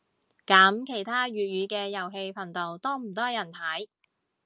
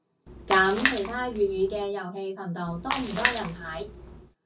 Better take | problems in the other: first | background sound (Splash, splatter); 4 dB below the speech // room echo; dies away in 0.3 s

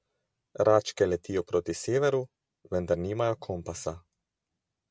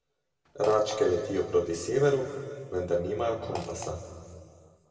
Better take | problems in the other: first | background sound (Fart); 15 dB below the speech // room echo; dies away in 2.3 s

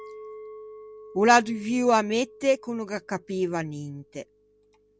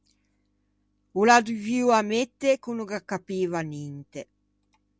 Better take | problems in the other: second | background sound (Chink, clink); 20 dB below the speech

